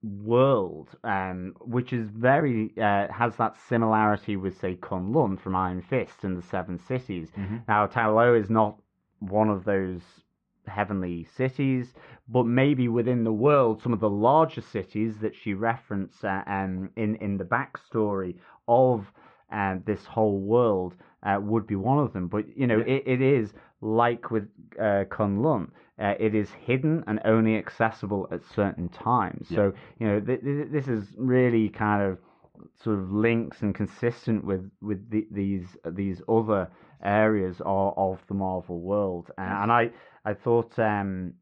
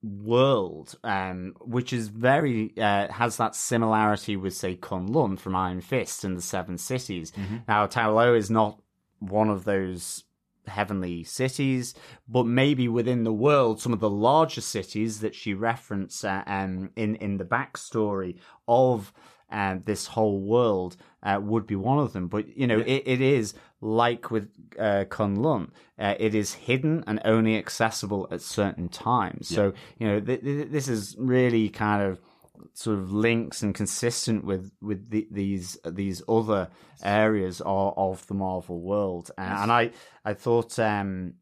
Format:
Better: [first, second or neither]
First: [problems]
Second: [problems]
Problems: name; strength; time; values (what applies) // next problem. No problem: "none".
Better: second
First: muffled; very; fading above 2.5 kHz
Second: none